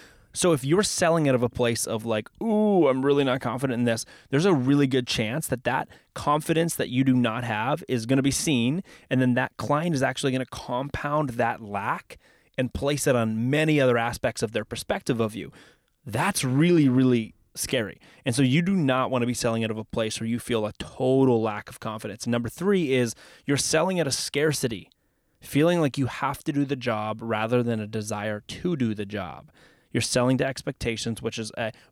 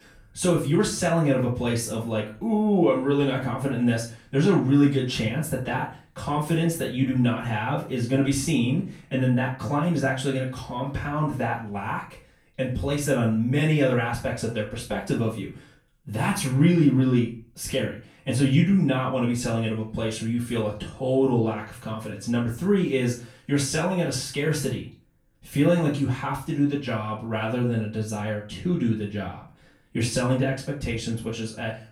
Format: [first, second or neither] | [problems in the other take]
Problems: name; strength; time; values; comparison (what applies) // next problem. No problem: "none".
first | room echo; slight; dies away in 0.3 s // off-mic speech; far